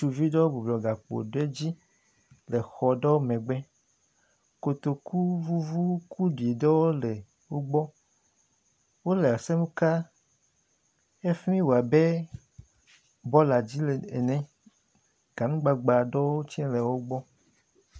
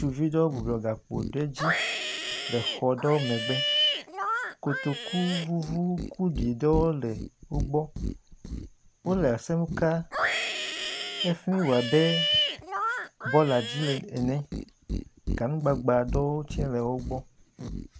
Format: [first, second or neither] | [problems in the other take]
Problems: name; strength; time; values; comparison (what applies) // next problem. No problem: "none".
first | background sound (Livestock, farm animals, working animals); 4 dB below the speech